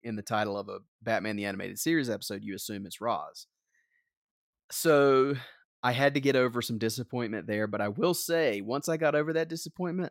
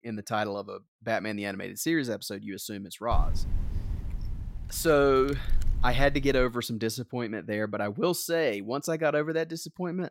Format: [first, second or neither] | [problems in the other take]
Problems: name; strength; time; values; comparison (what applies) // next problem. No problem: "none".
first | wind noise on the microphone; occasional gusts; from 3 to 6.5 s; 20 dB below the speech